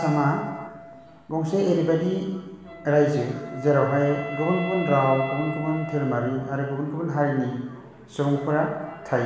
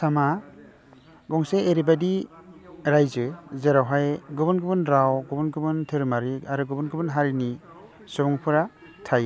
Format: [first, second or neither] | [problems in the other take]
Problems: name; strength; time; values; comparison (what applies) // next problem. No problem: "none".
second | background sound (Wind instrument, woodwind instrument); 13 dB below the speech // room echo; dies away in 1.2 s